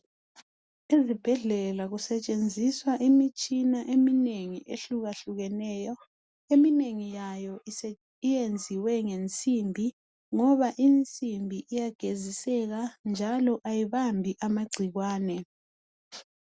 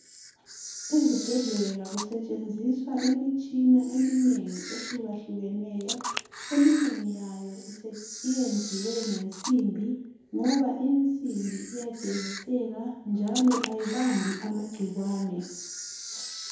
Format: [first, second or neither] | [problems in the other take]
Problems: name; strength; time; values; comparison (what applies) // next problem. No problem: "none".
first | background sound (Camera); 12 dB below the speech // room echo; dies away in 2 s